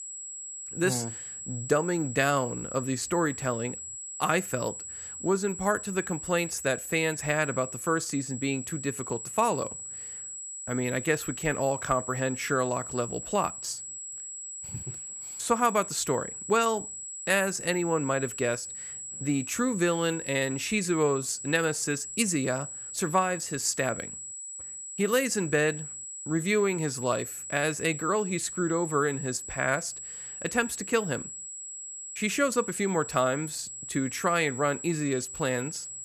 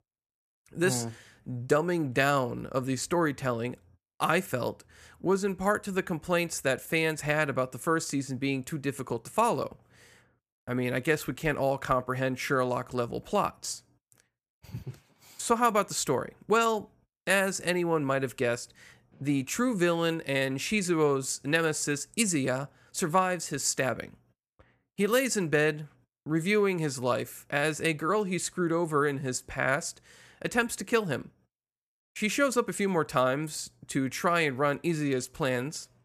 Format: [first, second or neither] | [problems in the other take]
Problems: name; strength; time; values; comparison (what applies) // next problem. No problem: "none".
second | high-pitched whine; loud; throughout; 7.5 kHz, 8 dB below the speech